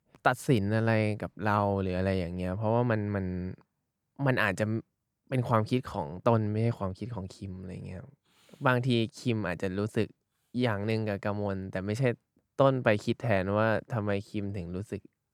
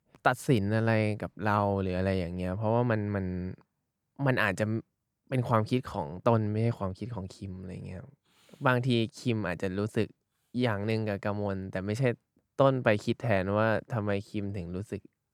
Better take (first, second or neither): neither